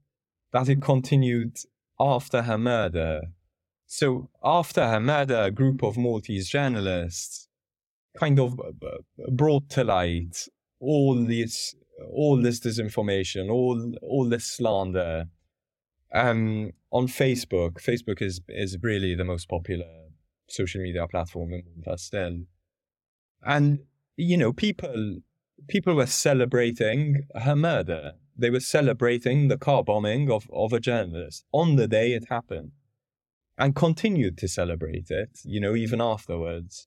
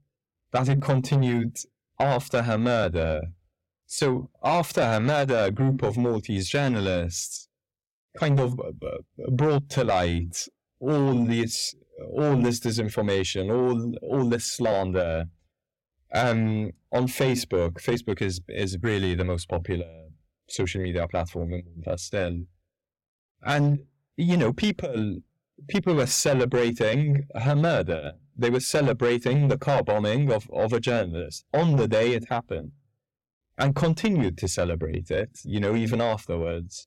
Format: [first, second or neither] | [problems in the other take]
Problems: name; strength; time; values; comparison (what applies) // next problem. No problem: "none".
first | distortion; slight; 10 dB below the speech